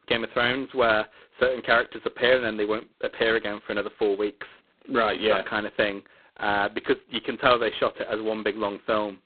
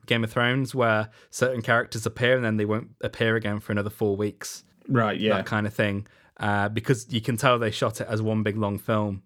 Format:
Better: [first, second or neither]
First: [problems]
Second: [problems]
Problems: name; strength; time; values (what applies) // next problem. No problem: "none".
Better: second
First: phone-call audio; poor line; nothing above 4 kHz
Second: none